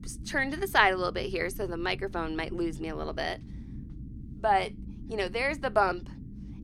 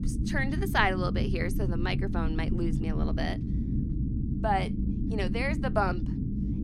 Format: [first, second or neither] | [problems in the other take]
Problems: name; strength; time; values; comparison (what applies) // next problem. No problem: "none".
first | low rumble; loud; throughout; 9 dB below the speech; faint in the first